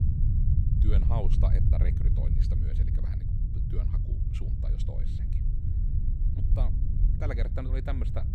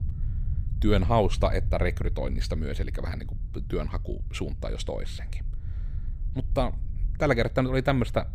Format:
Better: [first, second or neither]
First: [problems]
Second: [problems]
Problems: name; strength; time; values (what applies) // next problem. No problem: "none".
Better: second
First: low rumble; loud; throughout; 2 dB below the speech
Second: low rumble; faint; throughout; 20 dB below the speech